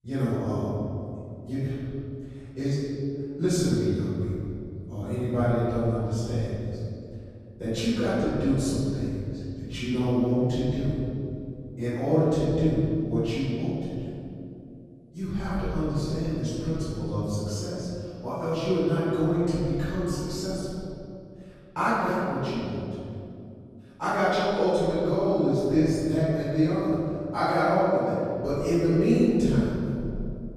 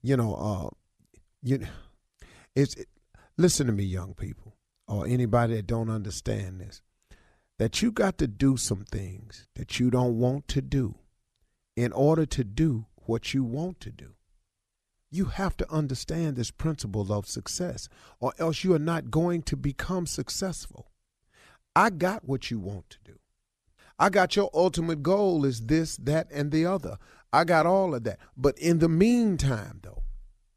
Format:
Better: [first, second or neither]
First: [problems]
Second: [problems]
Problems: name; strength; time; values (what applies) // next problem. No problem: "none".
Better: second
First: room echo; strong; dies away in 2.6 s // off-mic speech; far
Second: none